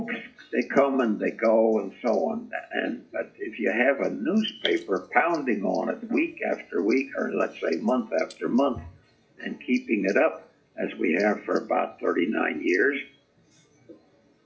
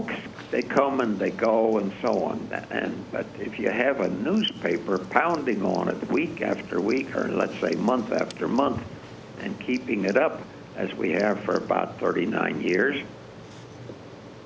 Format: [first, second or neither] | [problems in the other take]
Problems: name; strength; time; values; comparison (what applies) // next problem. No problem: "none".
second | noise reduction (classical method WPE with log-MMSE)